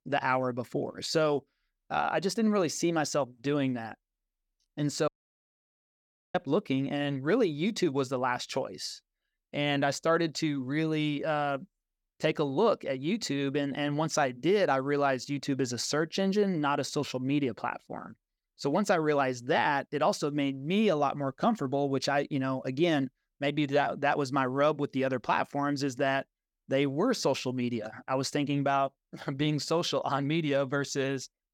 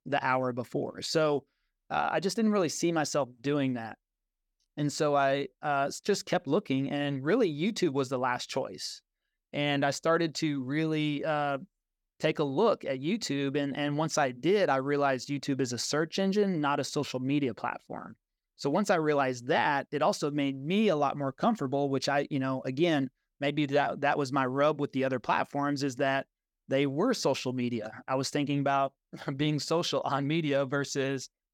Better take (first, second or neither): second